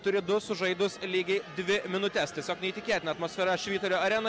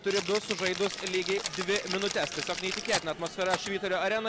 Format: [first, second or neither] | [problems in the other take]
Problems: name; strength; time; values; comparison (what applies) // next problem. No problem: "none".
first | background sound (Cutlery, silverware + Rattle (instrument)); 6 dB below the speech